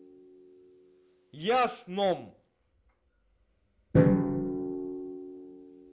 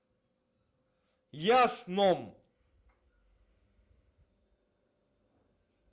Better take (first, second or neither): second